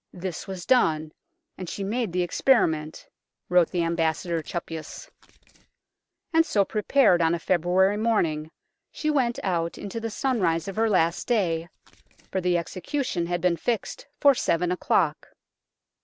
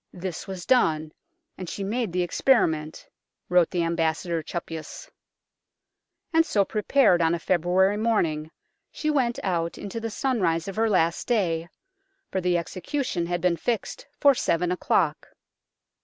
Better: second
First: noise reduction (neural separator model SepFormer DNS4)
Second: none

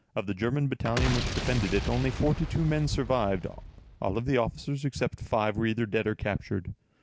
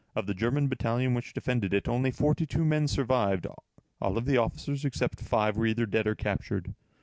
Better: second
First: background sound (Boom); 5 dB below the speech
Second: none

